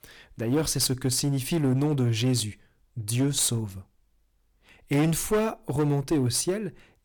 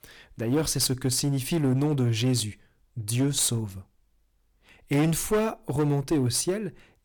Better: neither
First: distortion; slight; 9% of the sound clipped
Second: distortion; slight; 9% of the sound clipped

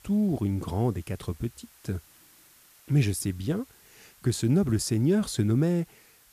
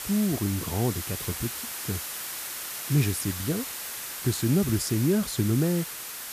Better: first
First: hiss; faint; throughout; 25 dB below the speech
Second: hiss; loud; throughout; 5 dB below the speech

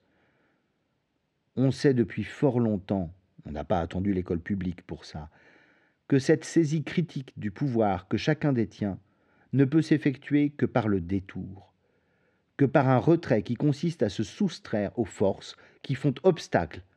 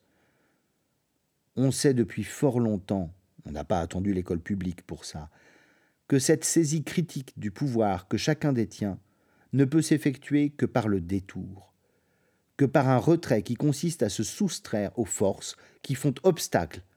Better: second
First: muffled; slightly; fading above 3 kHz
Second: none

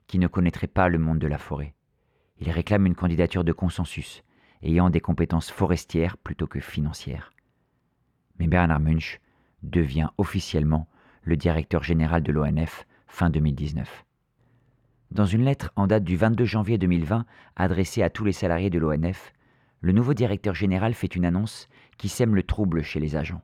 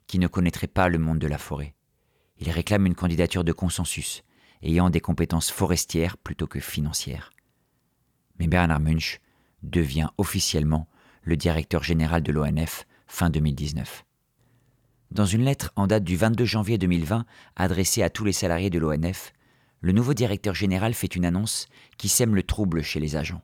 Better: second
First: muffled; slightly; fading above 4 kHz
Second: none

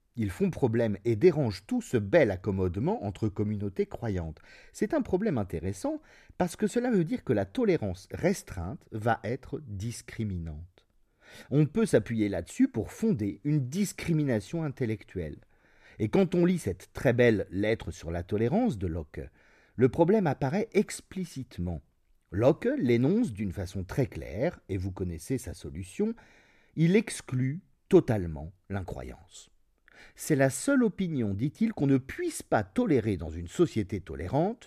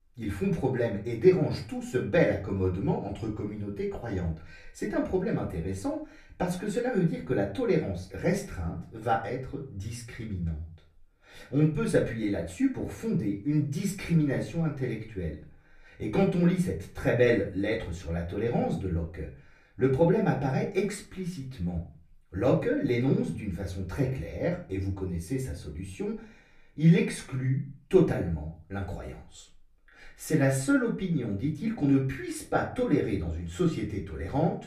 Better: first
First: none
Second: room echo; slight; dies away in 0.3 s // off-mic speech; far

